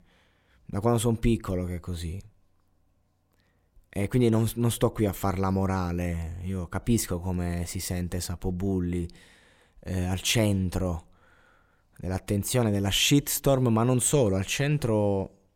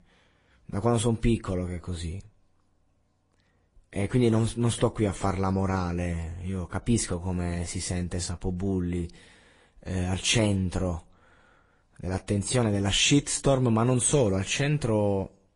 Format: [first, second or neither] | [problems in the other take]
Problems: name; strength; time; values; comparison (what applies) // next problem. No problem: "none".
first | garbled, watery; slightly; nothing above 10.5 kHz